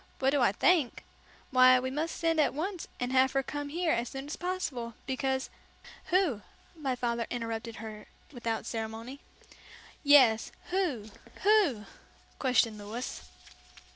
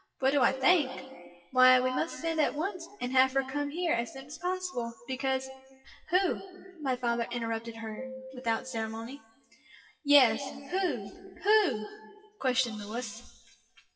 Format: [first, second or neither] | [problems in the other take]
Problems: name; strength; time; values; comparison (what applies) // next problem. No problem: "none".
first | noise reduction (classical method WPE with log-MMSE)